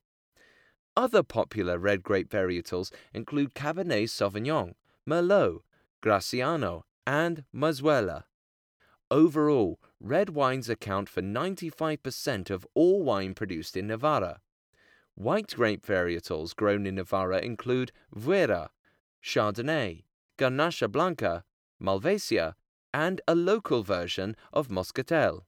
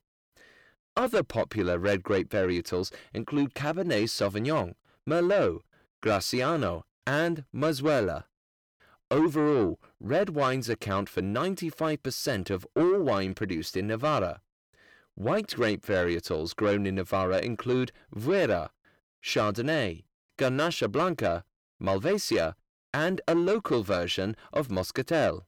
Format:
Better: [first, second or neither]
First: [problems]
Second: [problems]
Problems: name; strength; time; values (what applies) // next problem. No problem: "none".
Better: first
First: none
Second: distortion; slight; 10 dB below the speech